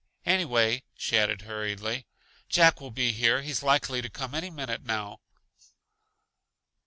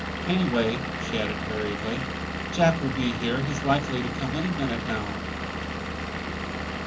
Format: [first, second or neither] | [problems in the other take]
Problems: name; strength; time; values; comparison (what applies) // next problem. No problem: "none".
first | background sound (Engine / Vehicle); 2 dB below the speech // room echo; dies away in 0.3 s